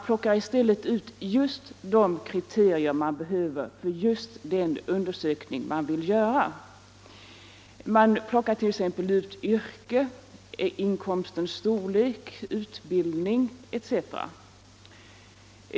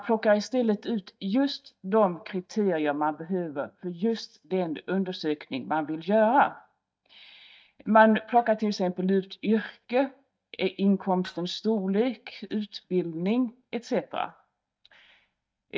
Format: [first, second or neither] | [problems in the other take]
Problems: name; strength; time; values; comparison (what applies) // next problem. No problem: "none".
first | noise reduction (neural mask model DeepFilterNet 3)